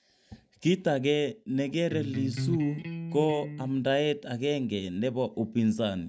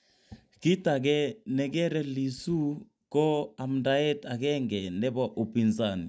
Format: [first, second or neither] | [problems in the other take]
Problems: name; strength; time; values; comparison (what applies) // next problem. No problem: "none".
second | background sound (Electric guitar); 6 dB below the speech